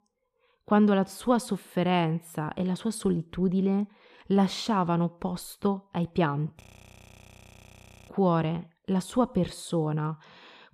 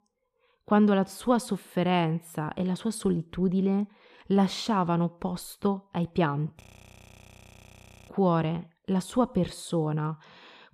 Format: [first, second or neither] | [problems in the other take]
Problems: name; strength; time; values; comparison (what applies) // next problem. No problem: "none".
neither | audio freezing; at 6.5 s for 1.5 s; the same in both